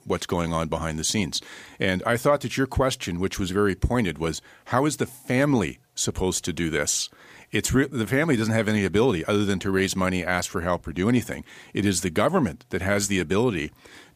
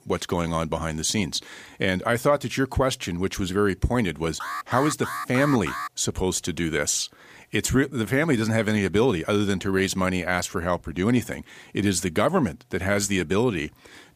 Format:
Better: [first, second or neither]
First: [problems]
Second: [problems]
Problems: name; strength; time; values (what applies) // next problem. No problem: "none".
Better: first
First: none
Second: alarm; noticeable; from 4.5 to 6 s; peak 6 dB below the speech